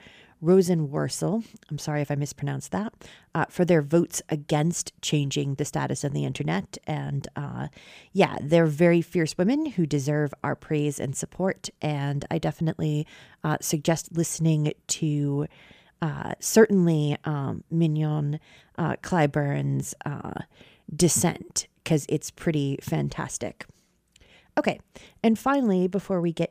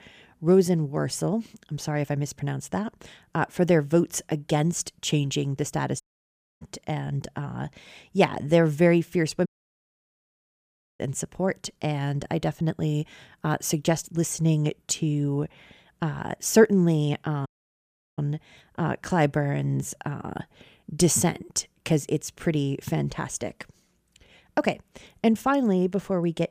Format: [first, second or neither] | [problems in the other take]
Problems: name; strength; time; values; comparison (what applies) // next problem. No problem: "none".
first | audio cutting out; at 6 s for 0.5 s, at 9.5 s for 1.5 s and at 17 s for 0.5 s